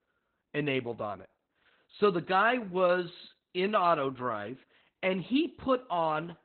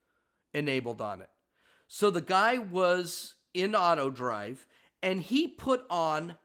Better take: second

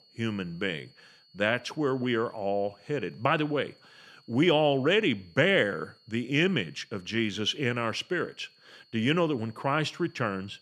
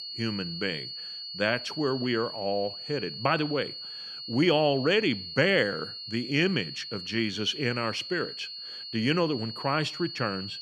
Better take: first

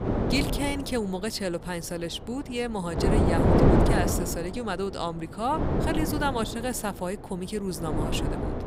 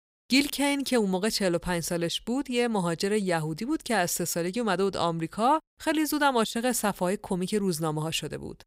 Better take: second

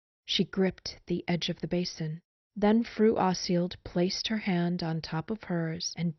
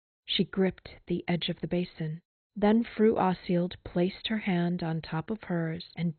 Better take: first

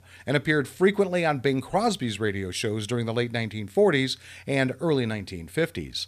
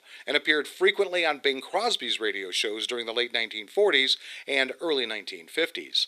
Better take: first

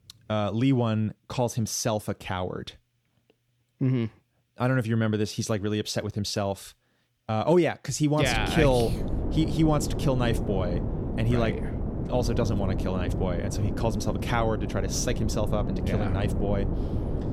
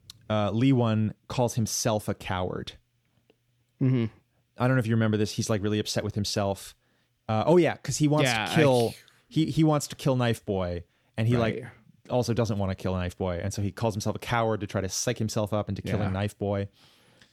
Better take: second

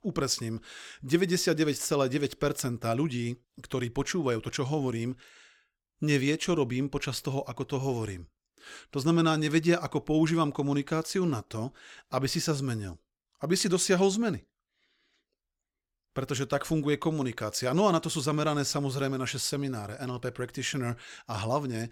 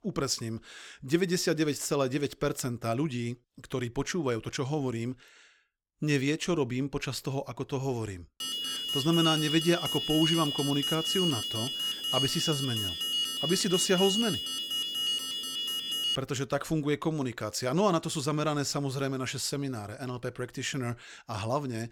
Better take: first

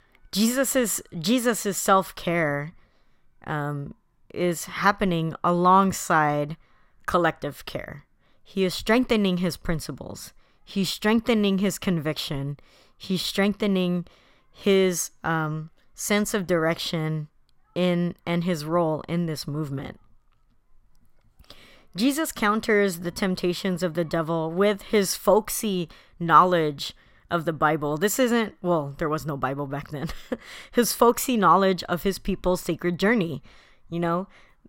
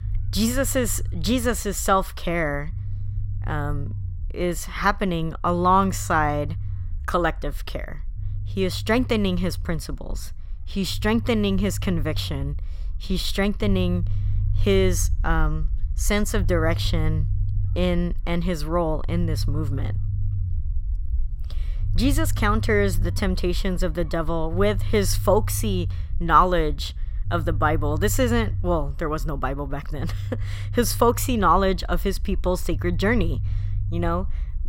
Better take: first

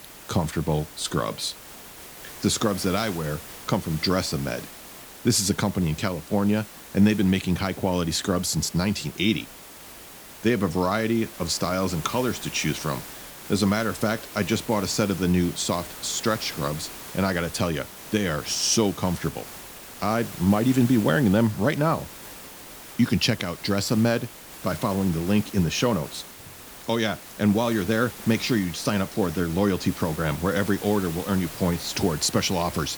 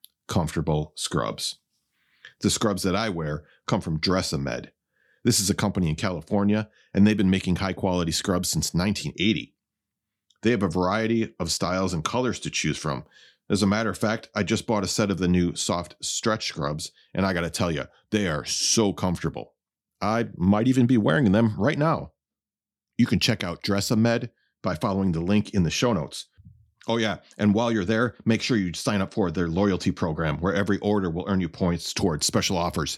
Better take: second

